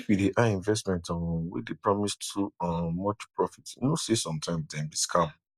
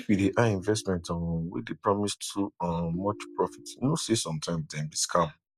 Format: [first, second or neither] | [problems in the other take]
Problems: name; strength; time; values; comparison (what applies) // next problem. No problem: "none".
first | background sound (Ringtone); 19 dB below the speech